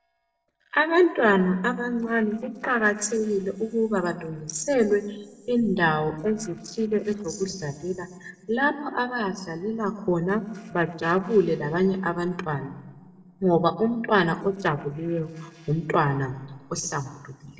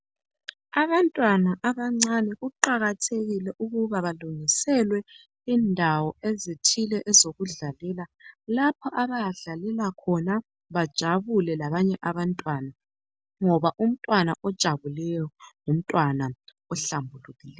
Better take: second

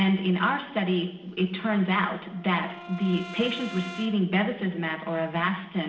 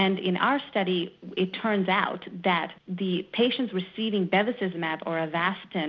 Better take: second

